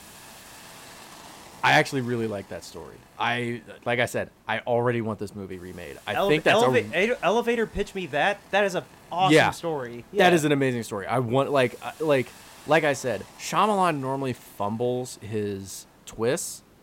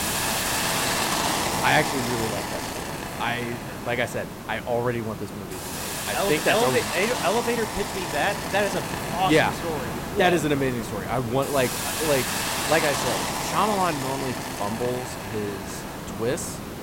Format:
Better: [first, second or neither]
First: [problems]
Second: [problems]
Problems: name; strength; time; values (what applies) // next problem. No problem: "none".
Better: first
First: hiss; faint; throughout; 25 dB below the speech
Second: hiss; loud; throughout; 2 dB below the speech